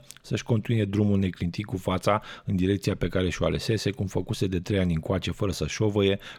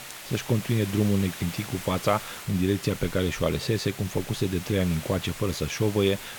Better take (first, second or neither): first